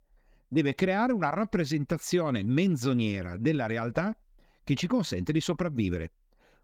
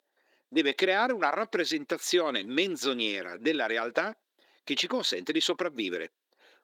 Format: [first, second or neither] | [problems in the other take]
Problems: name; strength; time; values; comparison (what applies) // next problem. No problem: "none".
first | thin; somewhat; fading below 350 Hz